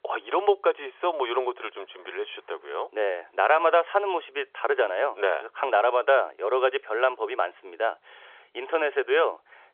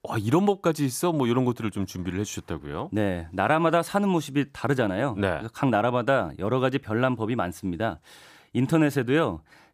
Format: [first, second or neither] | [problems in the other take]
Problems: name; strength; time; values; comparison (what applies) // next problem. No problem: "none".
second | phone-call audio; nothing above 3.5 kHz